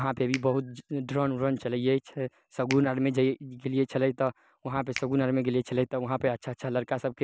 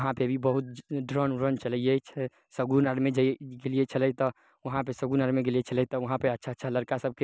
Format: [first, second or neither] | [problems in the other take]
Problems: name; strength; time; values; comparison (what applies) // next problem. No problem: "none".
second | background sound (Finger snapping); 19 dB below the speech